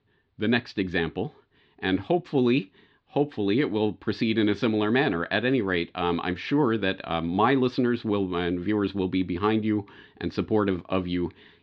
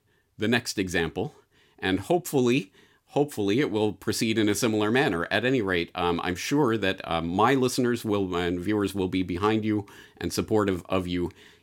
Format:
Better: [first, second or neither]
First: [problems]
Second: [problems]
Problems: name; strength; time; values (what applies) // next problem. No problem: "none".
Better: second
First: muffled; slightly; fading above 4 kHz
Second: none